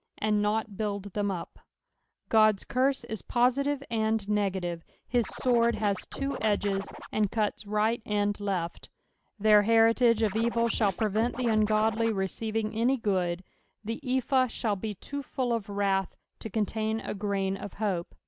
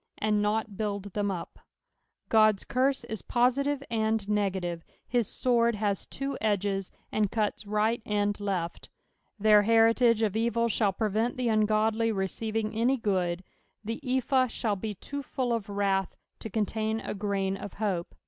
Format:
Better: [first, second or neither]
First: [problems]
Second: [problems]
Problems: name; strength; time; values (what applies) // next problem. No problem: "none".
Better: second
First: background sound (Scratching (performance technique)); 12 dB below the speech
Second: none